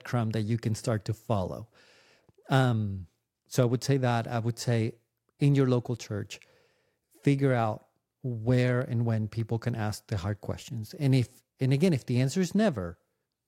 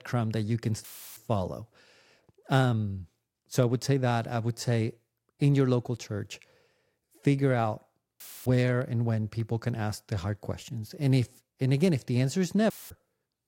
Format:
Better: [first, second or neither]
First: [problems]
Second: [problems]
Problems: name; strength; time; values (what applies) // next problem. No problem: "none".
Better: first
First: none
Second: audio cutting out; filled with static; at 1 s, at 8 s and at 13 s